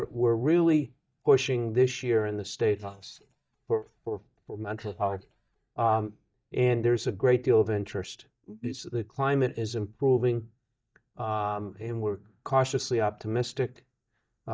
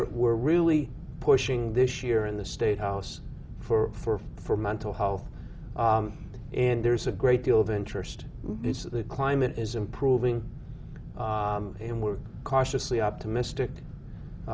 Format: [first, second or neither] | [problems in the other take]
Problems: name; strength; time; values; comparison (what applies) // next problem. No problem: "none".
second | noise reduction (neural mask model DeepFilterNet 3)